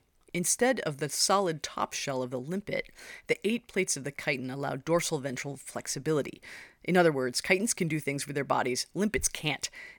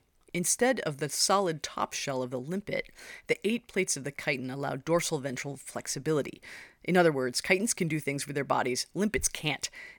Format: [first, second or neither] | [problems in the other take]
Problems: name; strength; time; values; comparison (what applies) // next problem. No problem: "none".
neither | none